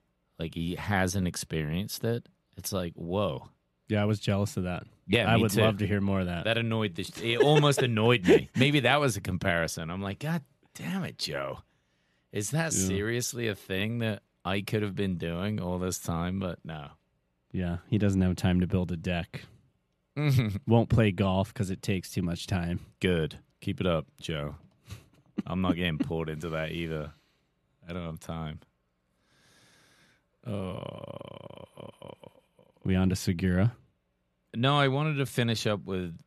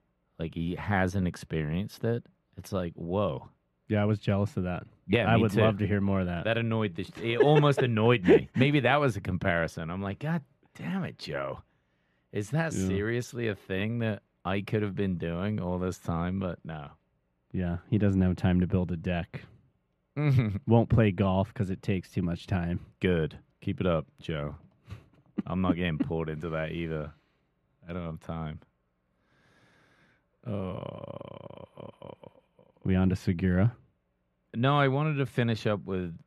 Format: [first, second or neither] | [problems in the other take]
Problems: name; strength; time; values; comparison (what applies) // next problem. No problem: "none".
first | muffled; slightly; fading above 3.5 kHz